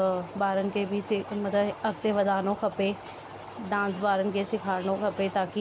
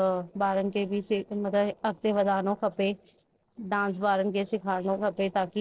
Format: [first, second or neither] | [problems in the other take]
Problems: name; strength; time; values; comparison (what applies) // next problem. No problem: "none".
first | noise reduction (neural separator model SepFormer DNS4)